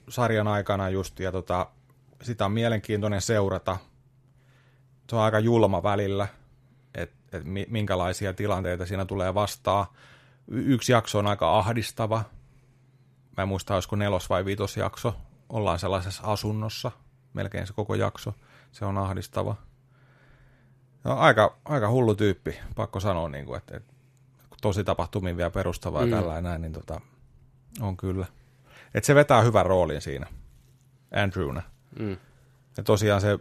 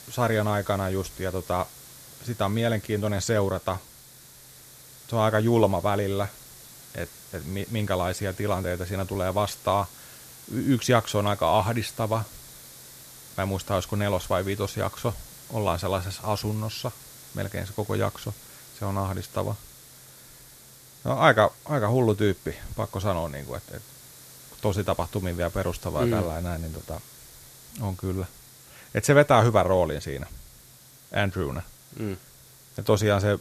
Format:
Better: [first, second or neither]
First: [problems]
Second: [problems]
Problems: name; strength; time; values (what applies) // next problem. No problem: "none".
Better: first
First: none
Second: hiss; noticeable; throughout; 20 dB below the speech